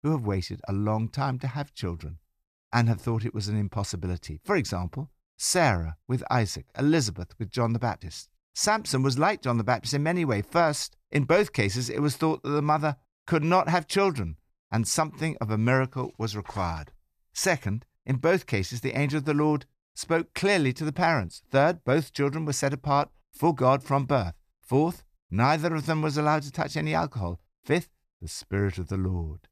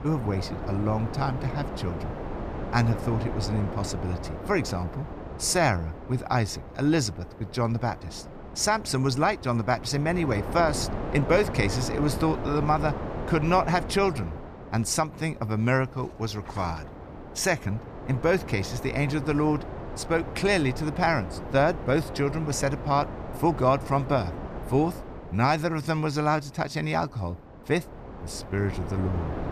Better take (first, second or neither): first